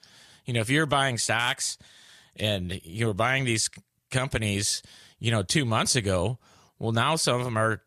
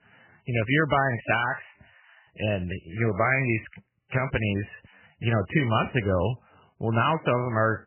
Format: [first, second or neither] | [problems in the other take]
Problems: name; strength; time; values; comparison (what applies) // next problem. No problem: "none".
first | garbled, watery; badly; nothing above 3 kHz